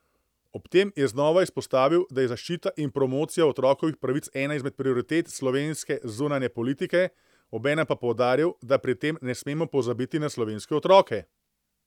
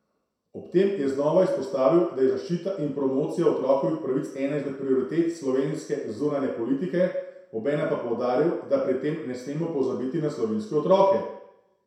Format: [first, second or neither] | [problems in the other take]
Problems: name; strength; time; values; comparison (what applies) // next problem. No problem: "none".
first | room echo; dies away in 0.7 s